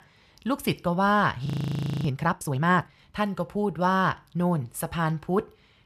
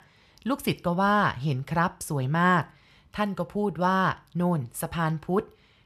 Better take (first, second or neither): second